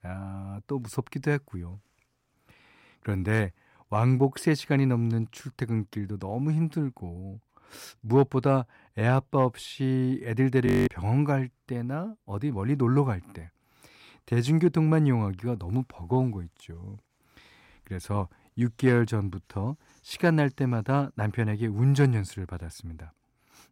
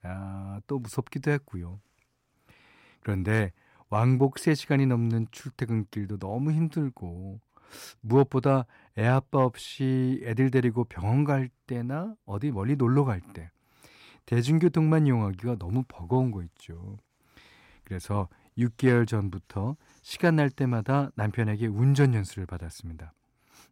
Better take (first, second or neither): second